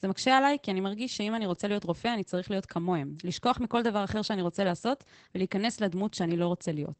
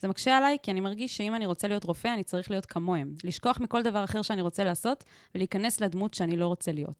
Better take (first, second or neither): second